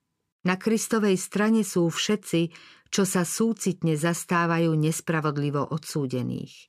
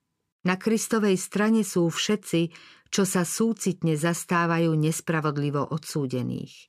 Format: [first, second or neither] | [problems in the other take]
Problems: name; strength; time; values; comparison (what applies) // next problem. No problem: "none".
neither | none